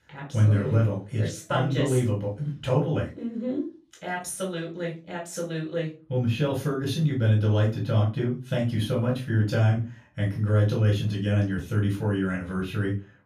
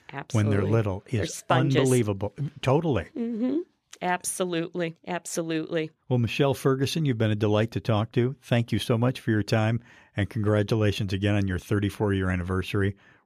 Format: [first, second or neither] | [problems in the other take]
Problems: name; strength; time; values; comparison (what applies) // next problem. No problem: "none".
second | off-mic speech; far // room echo; slight; dies away in 0.3 s